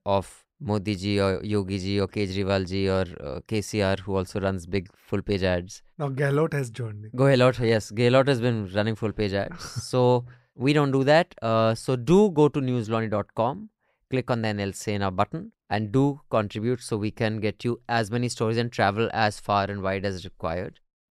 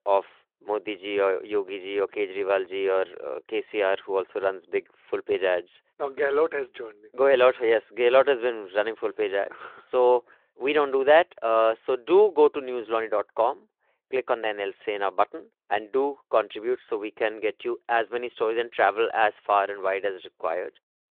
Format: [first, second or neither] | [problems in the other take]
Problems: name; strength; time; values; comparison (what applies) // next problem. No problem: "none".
first | phone-call audio